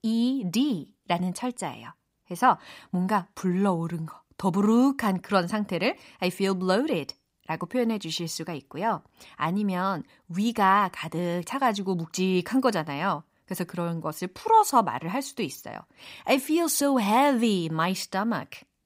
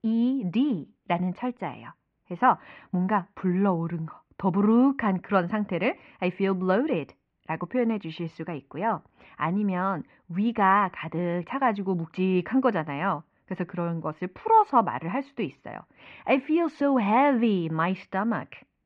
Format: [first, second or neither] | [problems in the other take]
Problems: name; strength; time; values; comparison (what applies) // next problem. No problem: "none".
first | muffled; very; fading above 2.5 kHz